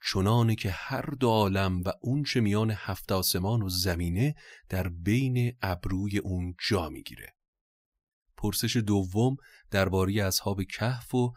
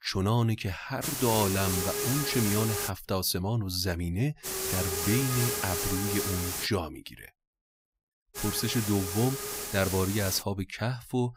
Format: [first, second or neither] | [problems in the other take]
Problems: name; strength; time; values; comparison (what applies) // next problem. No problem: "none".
first | hiss; loud; from 1 to 3 s, from 4.5 to 6.5 s and from 8.5 to 10 s; 1 dB below the speech